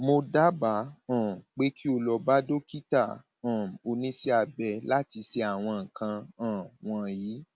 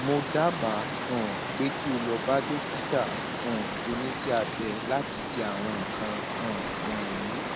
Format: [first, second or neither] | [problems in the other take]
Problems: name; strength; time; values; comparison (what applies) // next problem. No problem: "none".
first | background sound (Water); 2 dB below the speech